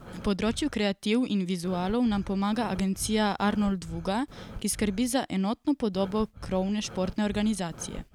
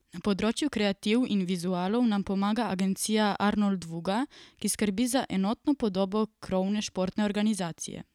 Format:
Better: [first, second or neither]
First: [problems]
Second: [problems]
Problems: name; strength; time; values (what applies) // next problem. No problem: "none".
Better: second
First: background sound (Breathing); 15 dB below the speech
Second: none